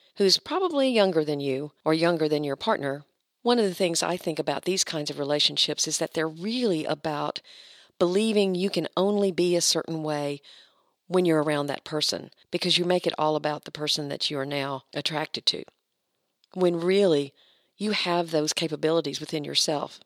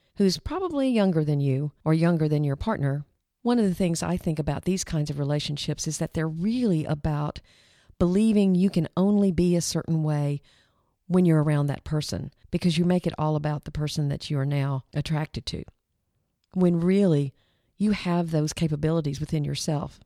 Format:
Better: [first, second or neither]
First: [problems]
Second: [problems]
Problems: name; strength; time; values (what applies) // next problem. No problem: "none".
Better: second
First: thin; somewhat; fading below 400 Hz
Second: none